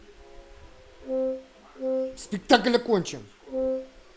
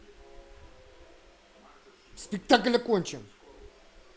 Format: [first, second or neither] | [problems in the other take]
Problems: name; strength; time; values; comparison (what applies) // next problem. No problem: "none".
second | background sound (Wind instrument, woodwind instrument); 1 dB below the speech